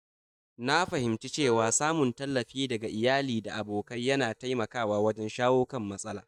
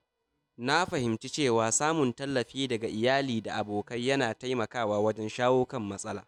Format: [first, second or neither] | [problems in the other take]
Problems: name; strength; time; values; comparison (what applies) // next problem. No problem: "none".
second | noise reduction (neural mask model DeepFilterNet 3)